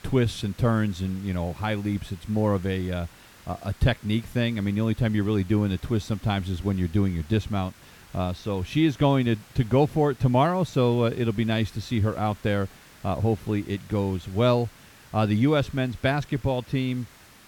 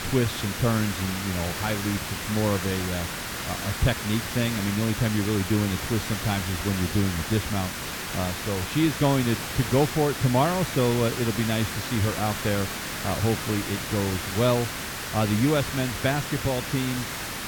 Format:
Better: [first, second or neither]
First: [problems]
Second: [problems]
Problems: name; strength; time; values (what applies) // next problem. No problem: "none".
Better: first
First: hiss; faint; throughout; 25 dB below the speech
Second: hiss; loud; throughout; 4 dB below the speech